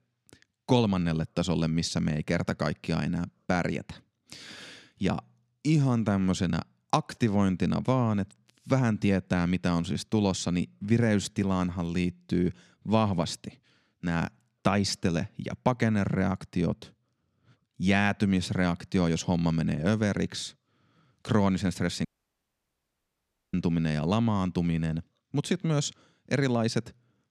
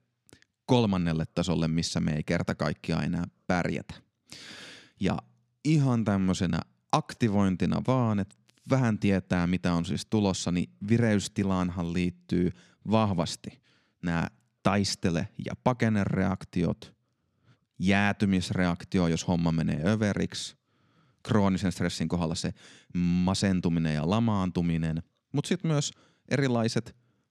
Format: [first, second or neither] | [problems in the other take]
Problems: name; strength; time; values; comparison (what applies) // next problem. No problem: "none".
second | audio cutting out; at 22 s for 1.5 s